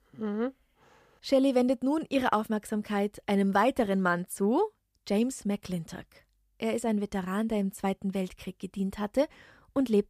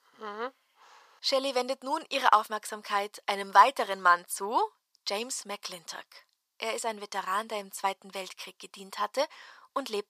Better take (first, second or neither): first